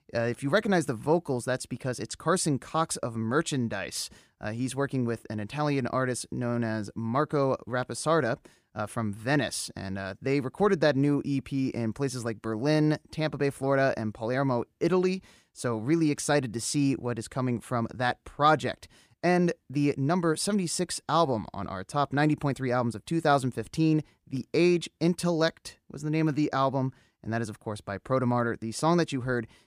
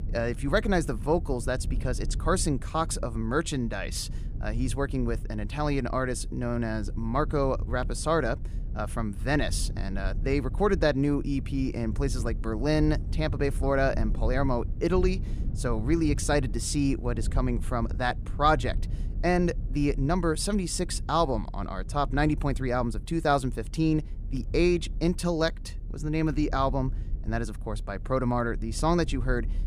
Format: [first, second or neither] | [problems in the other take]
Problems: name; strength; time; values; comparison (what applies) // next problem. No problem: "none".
first | low rumble; faint; throughout; 20 dB below the speech